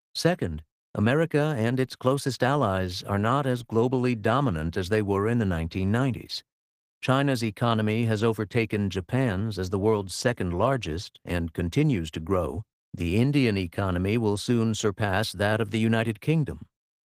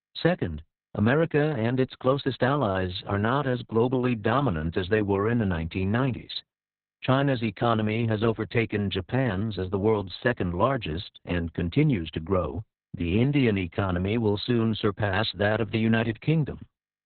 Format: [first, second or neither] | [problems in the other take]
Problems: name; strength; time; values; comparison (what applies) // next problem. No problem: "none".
first | garbled, watery; badly; nothing above 4 kHz; slightly in the first